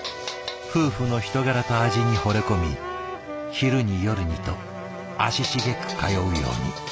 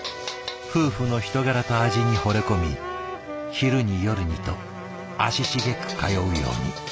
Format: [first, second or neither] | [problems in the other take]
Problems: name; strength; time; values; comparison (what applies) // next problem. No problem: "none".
second | background sound (Alarm); 18 dB below the speech